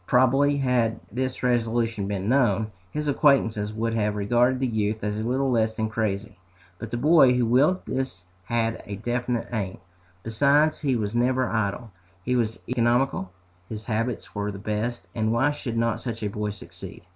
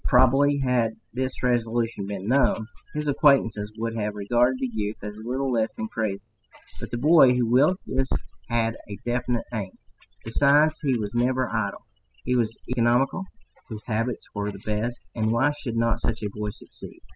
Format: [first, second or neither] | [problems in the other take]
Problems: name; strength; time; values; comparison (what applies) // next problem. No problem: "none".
first | noise reduction (classical method spectral subtraction)